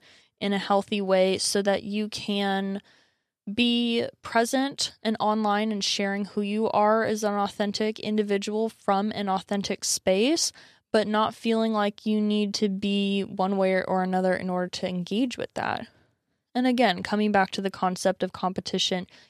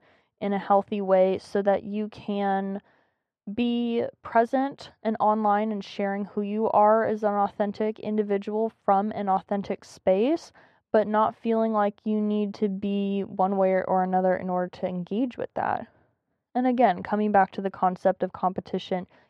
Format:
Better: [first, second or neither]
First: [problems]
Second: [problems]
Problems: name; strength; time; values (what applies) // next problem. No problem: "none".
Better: first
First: none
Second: muffled; very; fading above 3.5 kHz